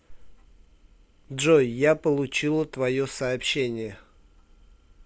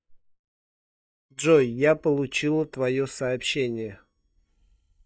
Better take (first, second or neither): first